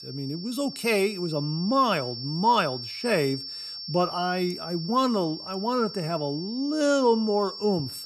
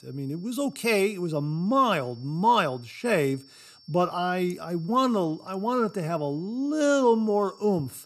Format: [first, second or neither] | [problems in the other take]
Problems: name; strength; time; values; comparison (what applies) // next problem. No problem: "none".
second | high-pitched whine; loud; throughout; 5.5 kHz, 9 dB below the speech; faint in the second